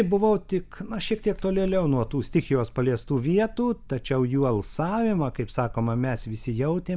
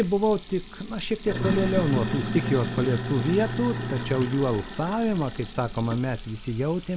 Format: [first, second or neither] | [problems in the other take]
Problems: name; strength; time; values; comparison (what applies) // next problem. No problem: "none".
first | background sound (Sink (filling or washing)); 6 dB below the speech